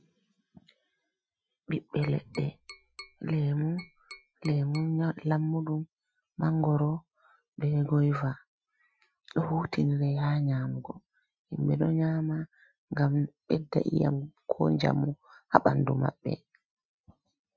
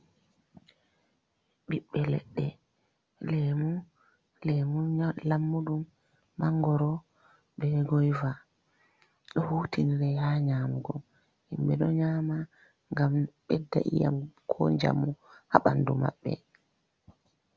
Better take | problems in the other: second | noise reduction (classical method Wiener filter)

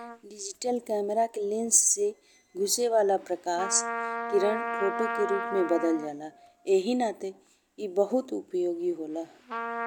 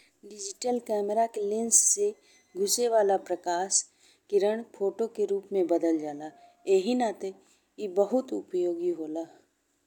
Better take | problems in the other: second | background sound (Trumpet); 9 dB below the speech

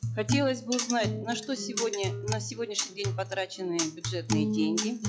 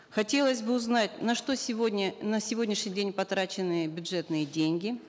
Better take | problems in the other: second | noise reduction (classical method log-MMSE)

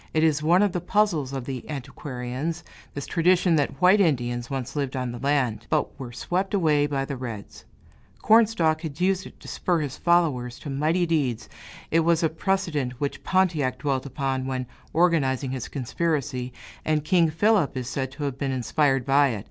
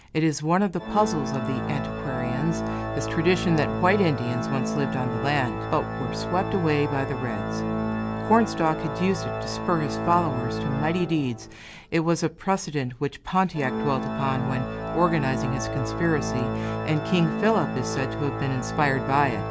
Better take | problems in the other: first | background sound (Organ); 4 dB below the speech

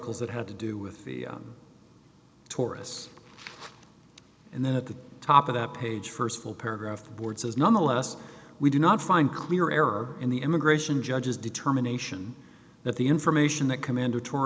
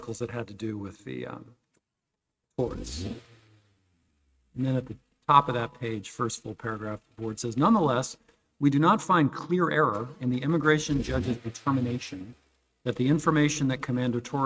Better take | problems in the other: first | noise reduction (neural mask model RNNoise)

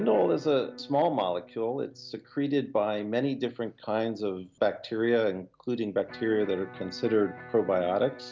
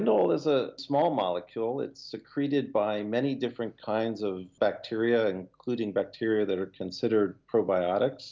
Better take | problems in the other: second | background sound (Electric guitar); 20 dB below the speech

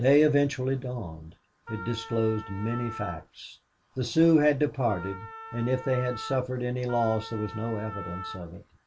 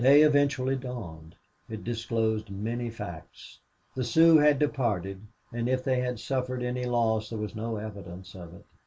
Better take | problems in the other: second | background sound (Wind instrument, woodwind instrument); 13 dB below the speech

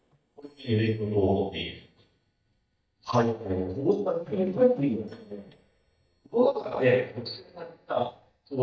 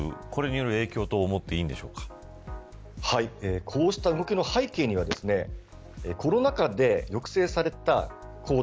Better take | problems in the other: second | noise reduction (neural mask model DeepFilterNet 3)

